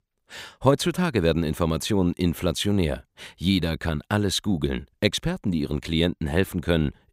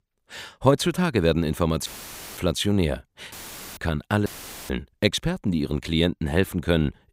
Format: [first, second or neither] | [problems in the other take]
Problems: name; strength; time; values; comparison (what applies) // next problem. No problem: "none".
first | audio cutting out; filled with static; at 2 s for 0.5 s, at 3.5 s and at 4.5 s